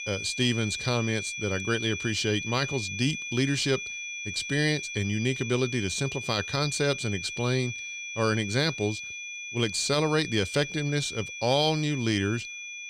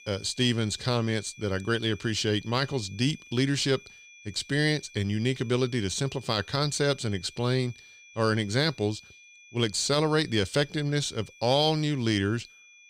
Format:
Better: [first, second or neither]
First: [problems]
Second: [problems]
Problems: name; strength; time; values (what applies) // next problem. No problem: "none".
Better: second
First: high-pitched whine; loud; throughout; 2.5 kHz, 6 dB below the speech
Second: high-pitched whine; faint; throughout; 2.5 kHz, 20 dB below the speech